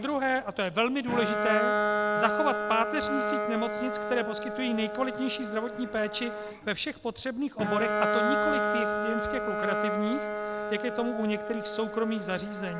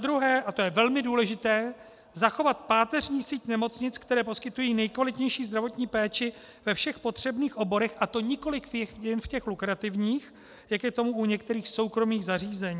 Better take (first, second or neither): second